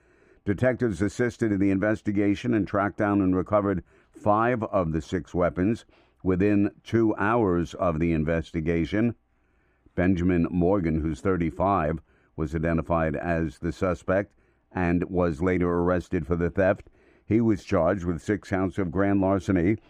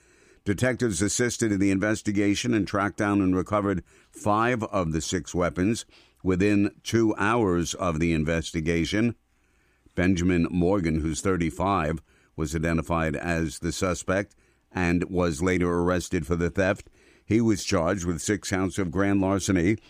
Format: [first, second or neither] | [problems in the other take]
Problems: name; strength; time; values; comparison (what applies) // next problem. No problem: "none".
second | muffled; very; fading above 3 kHz